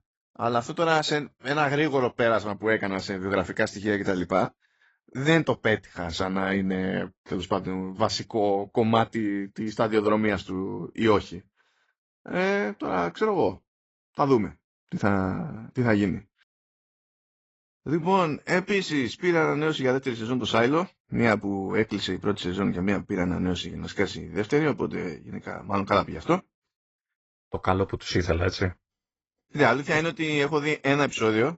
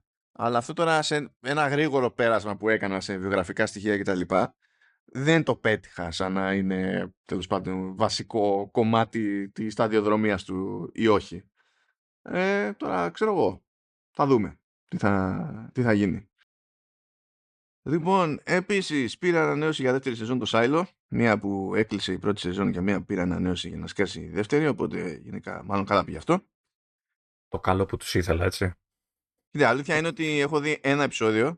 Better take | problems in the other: second | garbled, watery; badly; nothing above 8 kHz

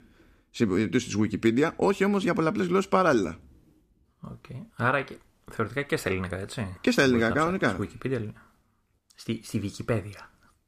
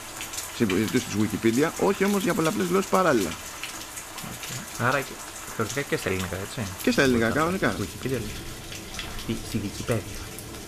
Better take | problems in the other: first | rain or running water; loud; throughout; 9 dB below the speech

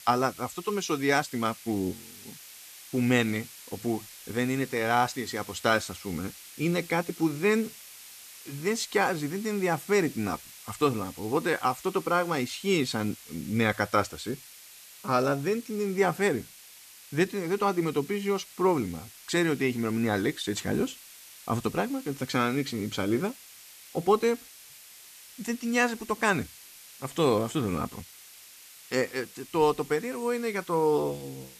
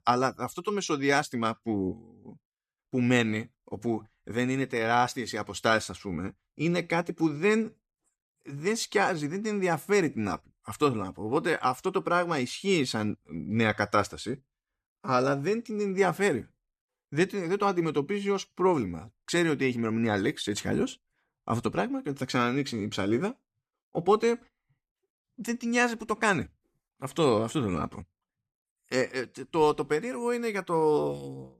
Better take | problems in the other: second | hiss; noticeable; throughout; 15 dB below the speech

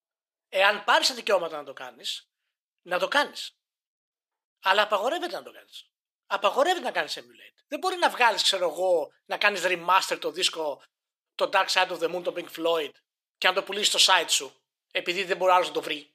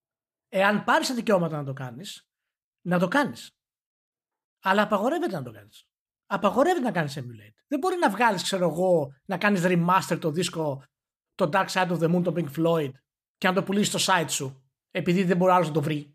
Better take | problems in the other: second | thin; very; fading below 450 Hz

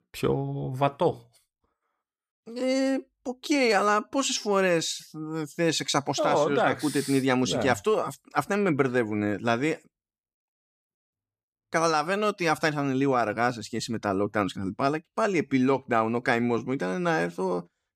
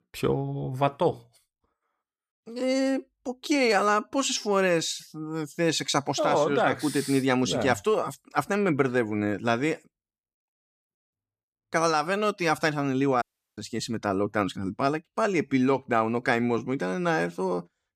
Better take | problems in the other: first | audio cutting out; at 13 s

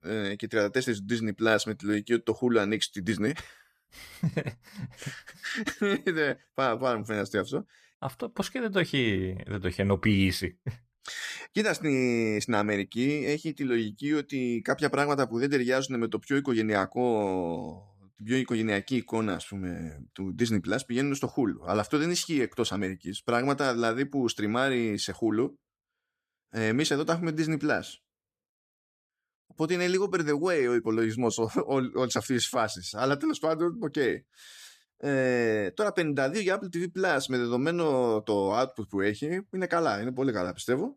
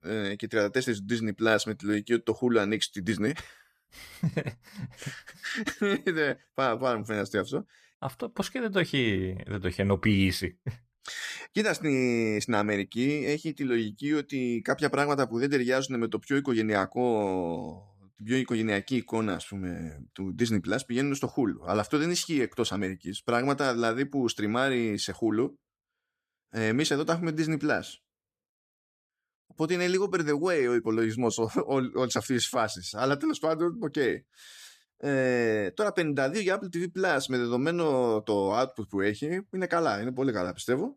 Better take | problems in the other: neither | none

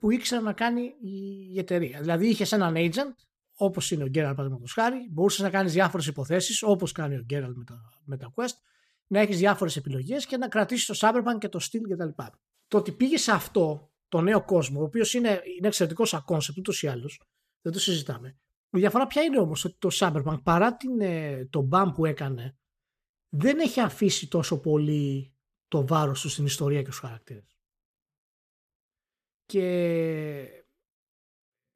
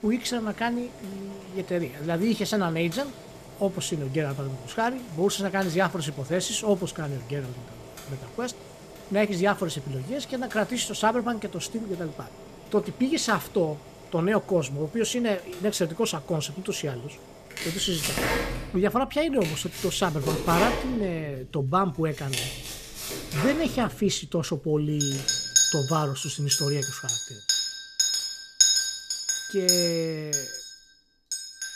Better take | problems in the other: first | household noises; very loud; throughout; 1 dB above the speech

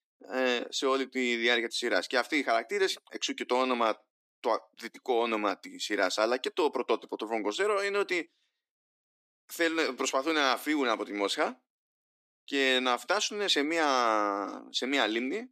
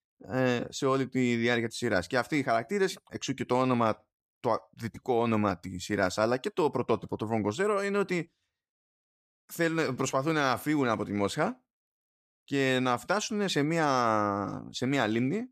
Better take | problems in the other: second | thin; very slightly; fading below 250 Hz

